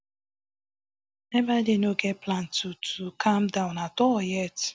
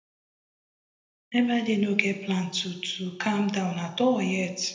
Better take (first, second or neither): first